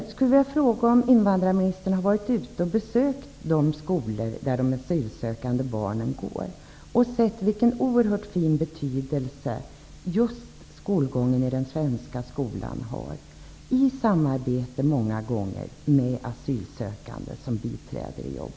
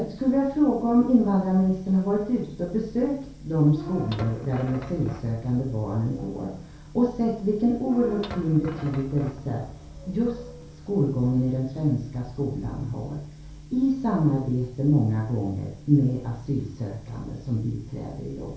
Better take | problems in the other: first | background sound (Squeak / Thump, thud); 16 dB below the speech // room echo; dies away in 0.4 s

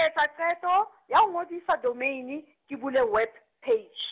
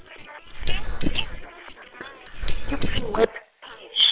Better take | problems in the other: first | noise reduction (neural separator model SepFormer WHAM!)

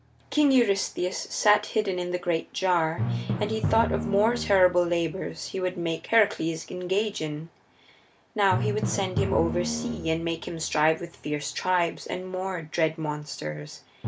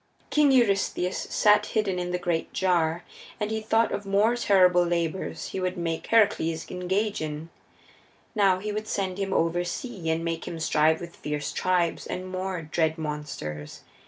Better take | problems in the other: second | background sound (Drum); 8 dB below the speech

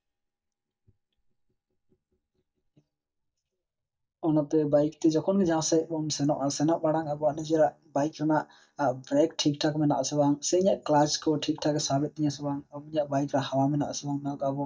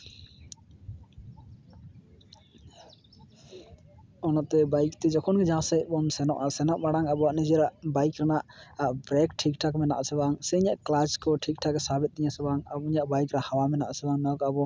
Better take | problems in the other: second | noise reduction (neural mask model DeepFilterNet 3)

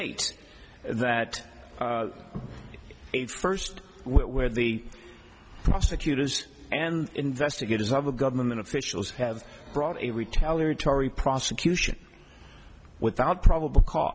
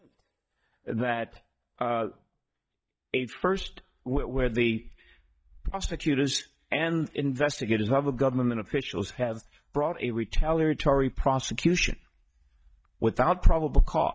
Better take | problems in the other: first | noise reduction (neural mask model DeepFilterNet 3)

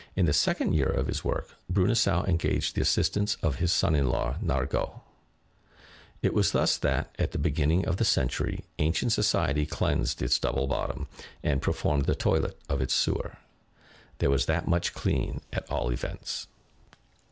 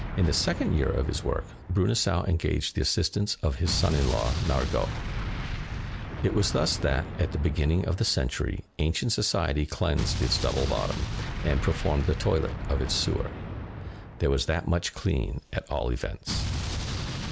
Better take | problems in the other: first | background sound (Explosion); 7 dB below the speech

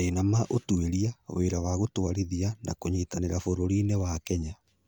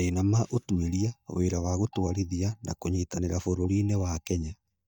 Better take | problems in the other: first | noise reduction (neural mask model DeepFilterNet 3)

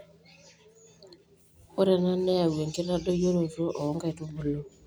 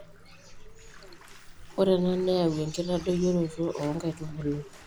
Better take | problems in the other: first | background sound (Bathtub (filling or washing)); 17 dB below the speech

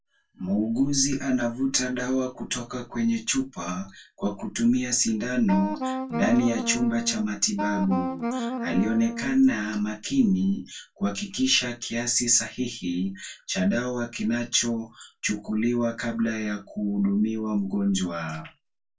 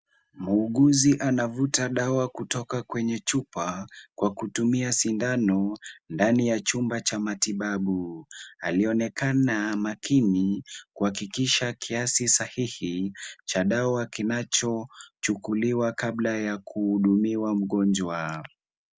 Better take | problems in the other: second | background sound (Wind instrument, woodwind instrument); 4 dB below the speech // room echo; dies away in 0.2 s

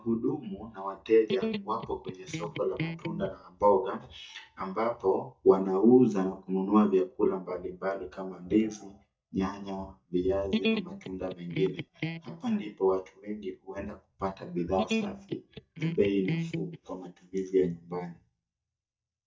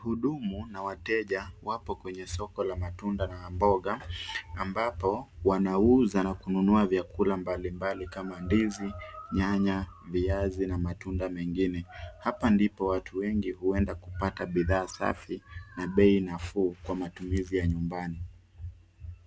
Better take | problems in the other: second | noise reduction (neural mask model DeepFilterNet 3)

